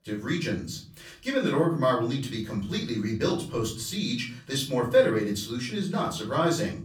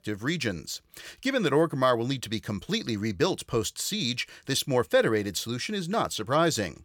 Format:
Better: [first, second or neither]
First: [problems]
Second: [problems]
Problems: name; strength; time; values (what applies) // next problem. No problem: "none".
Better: second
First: off-mic speech; far // room echo; slight; dies away in 0.6 s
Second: none